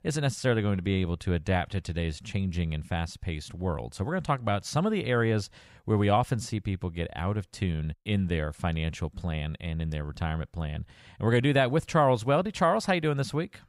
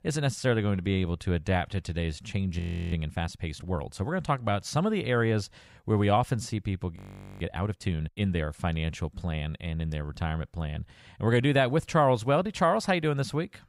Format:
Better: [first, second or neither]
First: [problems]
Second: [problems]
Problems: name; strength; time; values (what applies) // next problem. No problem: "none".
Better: first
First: none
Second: audio freezing; at 2.5 s and at 7 s